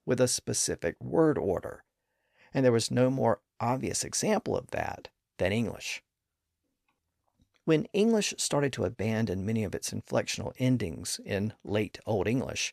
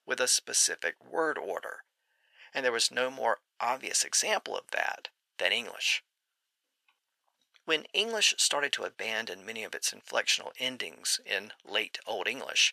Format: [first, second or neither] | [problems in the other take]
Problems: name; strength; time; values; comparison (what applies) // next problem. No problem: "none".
first | thin; very; fading below 800 Hz